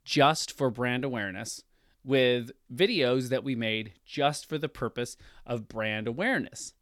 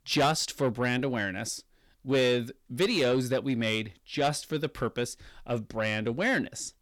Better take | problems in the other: first | distortion; slight; 10 dB below the speech

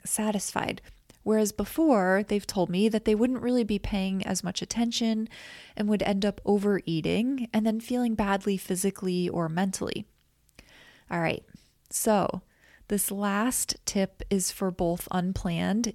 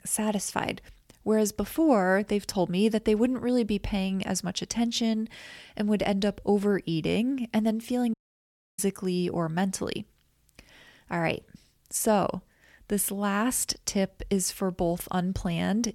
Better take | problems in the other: first | audio cutting out; at 8 s for 0.5 s

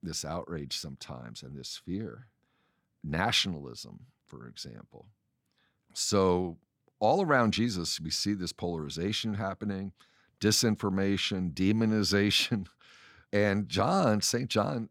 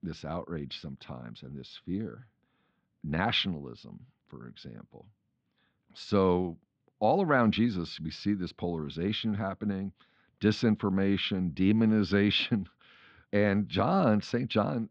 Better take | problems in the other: first | muffled; slightly; fading above 3.5 kHz

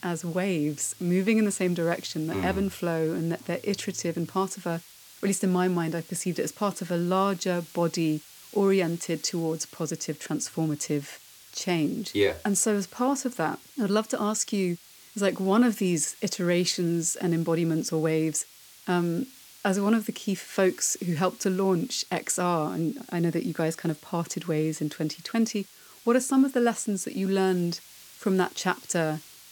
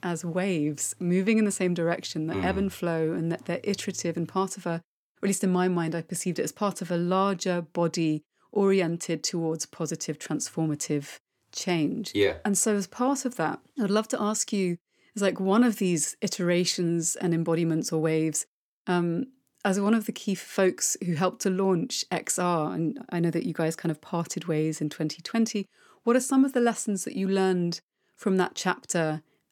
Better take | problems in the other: second | hiss; faint; throughout; 20 dB below the speech

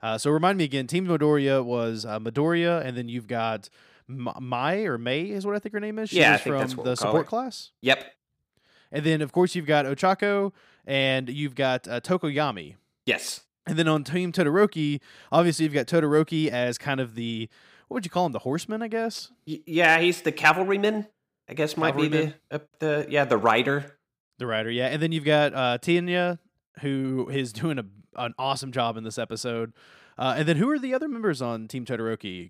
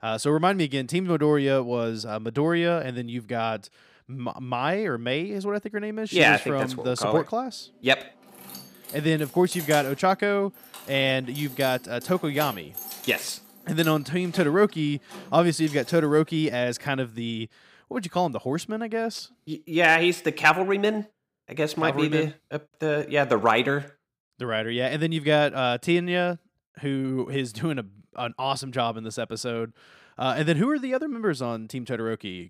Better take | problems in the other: first | jangling keys; noticeable; from 8.5 to 16 s; peak 8 dB below the speech

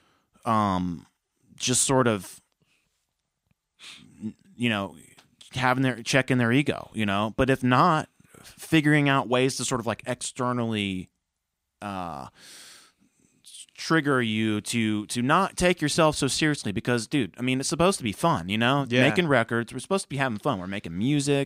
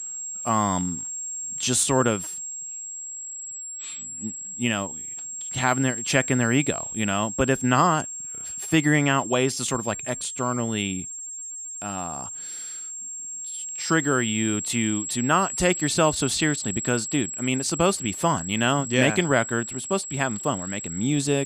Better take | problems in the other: first | high-pitched whine; loud; throughout; 7.5 kHz, 7 dB below the speech

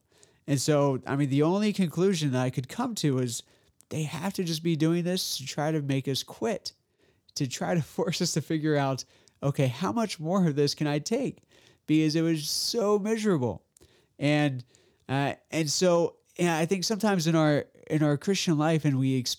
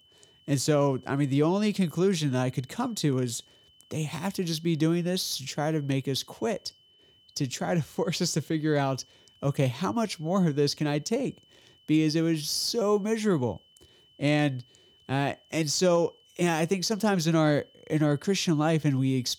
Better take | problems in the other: first | high-pitched whine; faint; throughout; 3 kHz, 30 dB below the speech

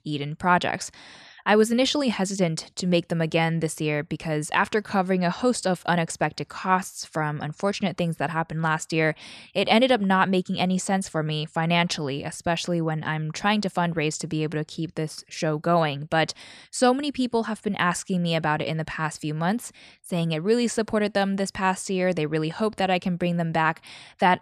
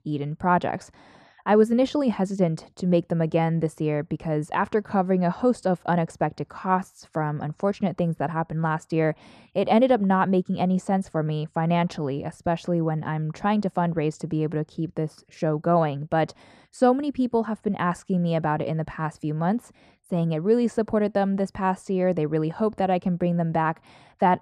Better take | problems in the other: first | muffled; slightly; fading above 1.5 kHz

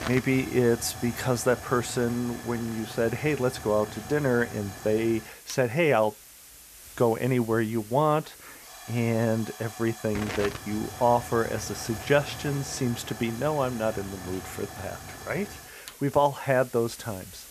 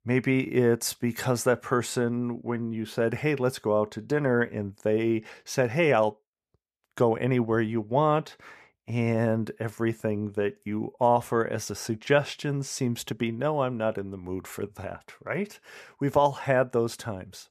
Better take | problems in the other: second | hiss; noticeable; throughout; 15 dB below the speech

